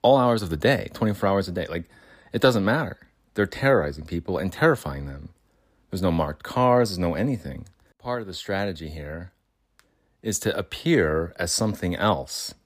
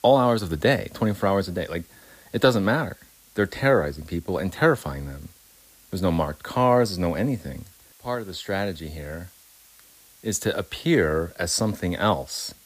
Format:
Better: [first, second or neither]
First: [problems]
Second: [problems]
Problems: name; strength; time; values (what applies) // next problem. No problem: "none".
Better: first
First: none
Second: hiss; faint; throughout; 25 dB below the speech